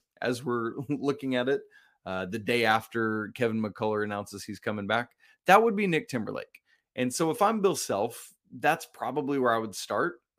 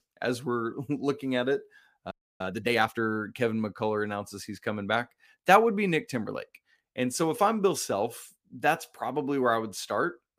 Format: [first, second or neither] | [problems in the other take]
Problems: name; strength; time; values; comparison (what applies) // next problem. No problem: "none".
first | audio freezing; at 2 s